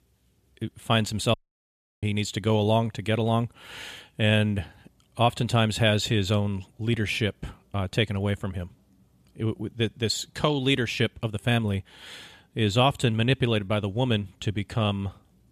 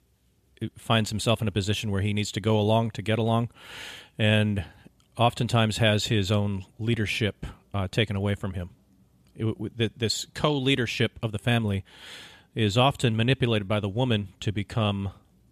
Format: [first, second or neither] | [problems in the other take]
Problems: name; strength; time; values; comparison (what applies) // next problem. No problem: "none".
second | audio cutting out; at 1.5 s for 0.5 s